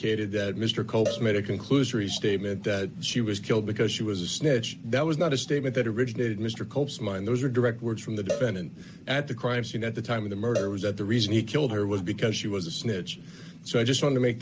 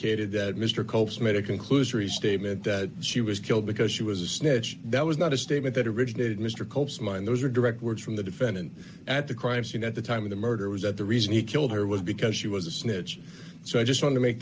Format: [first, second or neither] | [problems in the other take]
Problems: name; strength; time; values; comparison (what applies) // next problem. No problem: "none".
second | background sound (Cowbell); 12 dB below the speech